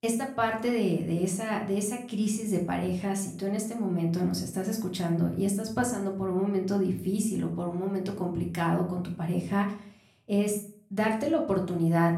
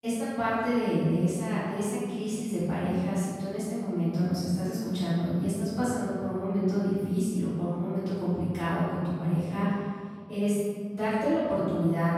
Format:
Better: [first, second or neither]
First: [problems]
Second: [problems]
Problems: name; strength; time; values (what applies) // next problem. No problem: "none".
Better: first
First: room echo; slight; dies away in 0.4 s // off-mic speech; far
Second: room echo; strong; dies away in 1.8 s // off-mic speech; far